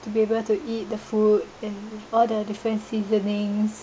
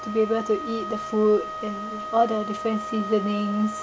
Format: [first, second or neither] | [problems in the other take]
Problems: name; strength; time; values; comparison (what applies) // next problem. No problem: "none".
first | background sound (Wind instrument, woodwind instrument); 9 dB below the speech